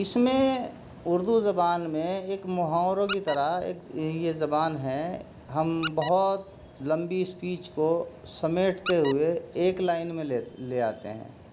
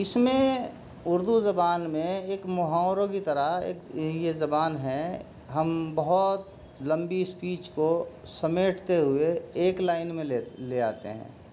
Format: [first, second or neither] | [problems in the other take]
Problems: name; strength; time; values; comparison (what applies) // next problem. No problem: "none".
second | background sound (Squeak); 15 dB below the speech